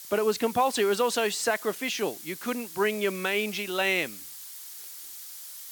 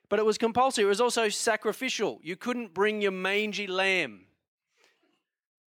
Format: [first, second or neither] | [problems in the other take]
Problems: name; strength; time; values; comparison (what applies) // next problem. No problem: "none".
second | hiss; noticeable; throughout; 10 dB below the speech